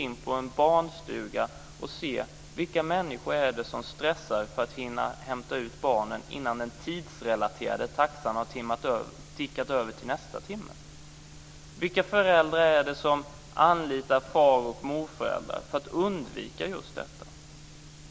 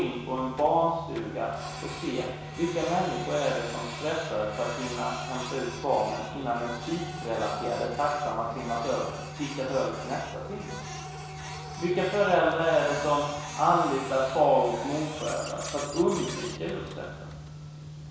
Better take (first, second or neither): first